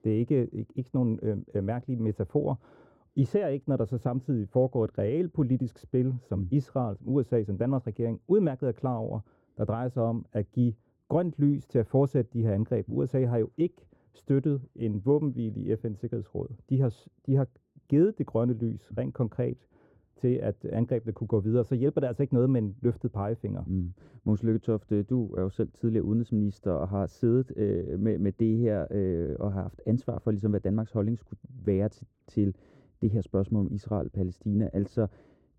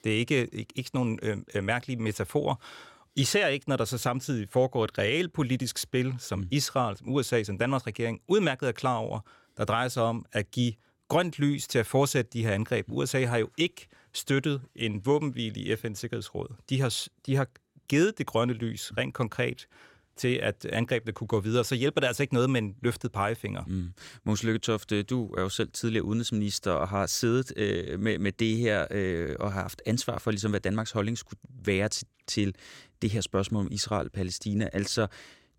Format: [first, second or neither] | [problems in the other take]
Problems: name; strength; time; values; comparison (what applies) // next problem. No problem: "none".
second | muffled; very; fading above 1 kHz